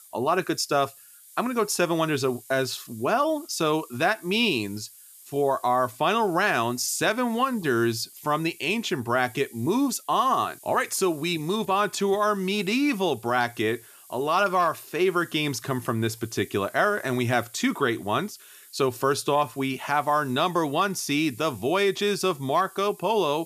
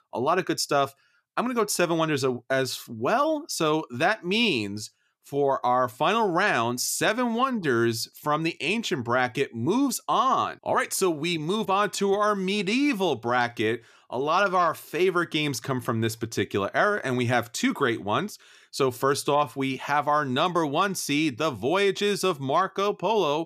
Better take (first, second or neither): second